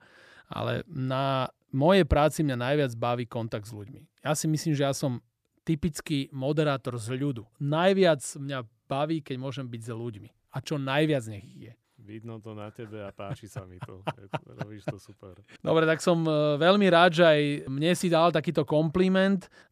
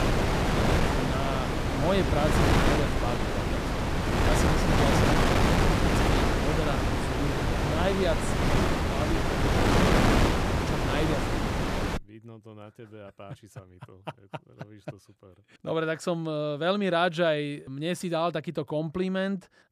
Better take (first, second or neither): first